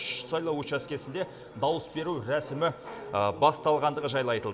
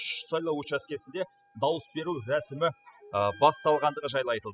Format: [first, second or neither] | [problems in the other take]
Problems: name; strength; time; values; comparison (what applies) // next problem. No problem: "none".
first | noise reduction (classical method spectral subtraction)